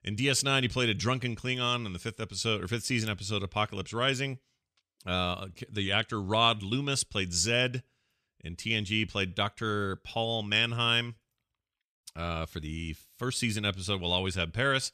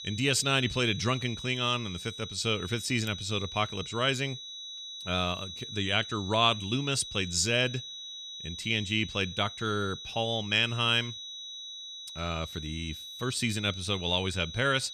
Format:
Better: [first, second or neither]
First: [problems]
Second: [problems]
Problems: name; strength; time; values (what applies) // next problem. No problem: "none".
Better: first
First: none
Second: high-pitched whine; noticeable; throughout; 4 kHz, 10 dB below the speech